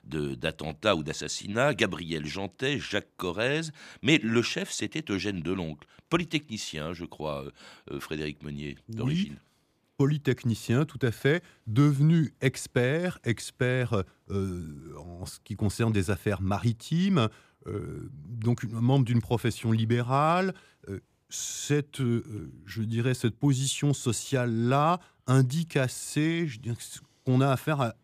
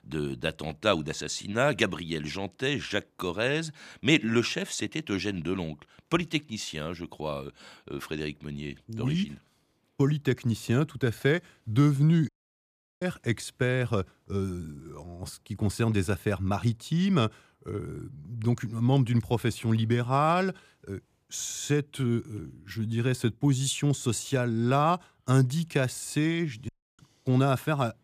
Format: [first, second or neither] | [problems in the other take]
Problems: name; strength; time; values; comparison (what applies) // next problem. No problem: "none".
first | audio cutting out; at 12 s for 0.5 s and at 27 s